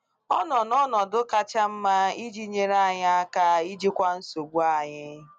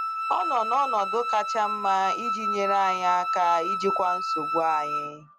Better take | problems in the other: first | background sound (Wind instrument, woodwind instrument); 2 dB below the speech

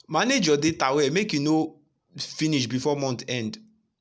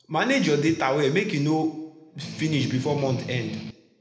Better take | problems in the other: first | background sound (Strum); 10 dB below the speech // room echo; dies away in 0.9 s

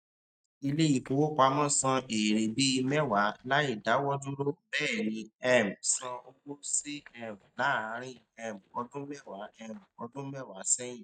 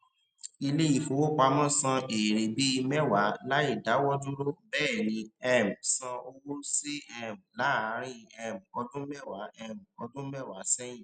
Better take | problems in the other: second | noise reduction (neural mask model DeepFilterNet 3)

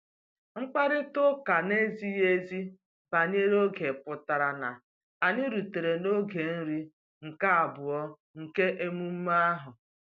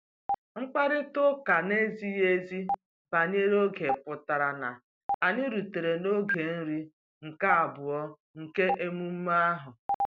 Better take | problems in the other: first | background sound (Stream); 9 dB below the speech

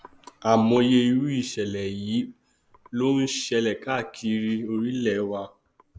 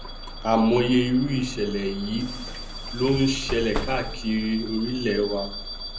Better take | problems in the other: first | background sound (Bus / Alarm); 9 dB below the speech // room echo; dies away in 0.4 s

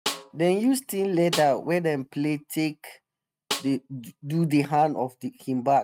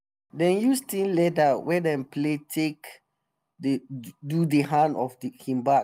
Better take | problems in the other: second | noise reduction (neural mask model RNNoise)

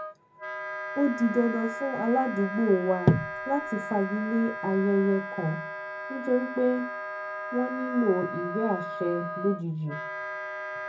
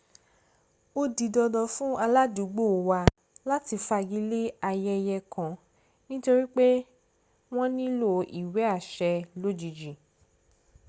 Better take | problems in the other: second | background sound (Wind instrument, woodwind instrument); 8 dB below the speech // room echo; dies away in 0.4 s

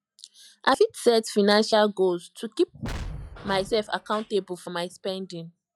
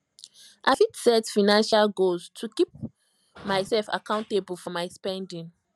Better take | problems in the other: second | noise reduction (classical method log-MMSE)

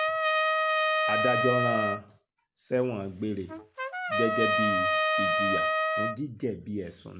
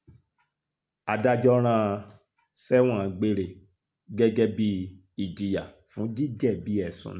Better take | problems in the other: second | background sound (Trumpet); 5 dB above the speech

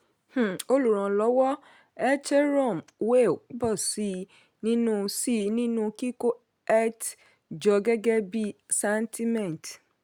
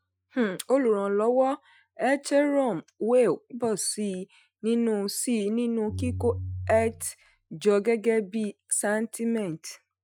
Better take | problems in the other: first | noise reduction (classical method Wiener filter)

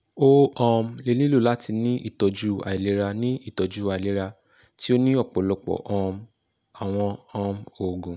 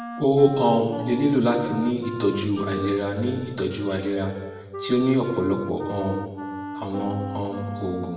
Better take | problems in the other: first | background sound (Wind instrument, woodwind instrument); 10 dB below the speech // room echo; dies away in 1.3 s

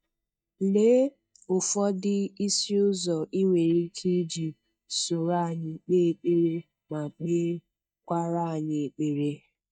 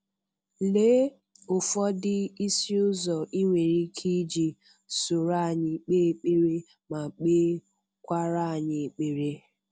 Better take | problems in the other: second | noise reduction (neural mask model DeepFilterNet 3)

